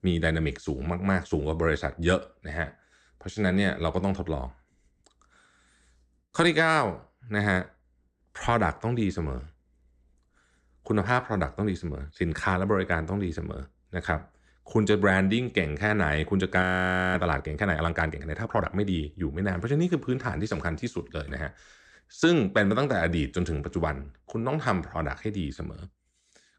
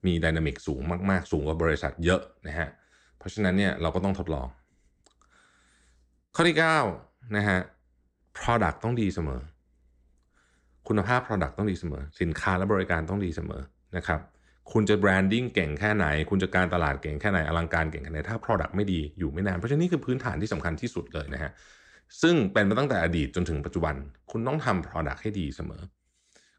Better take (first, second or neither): second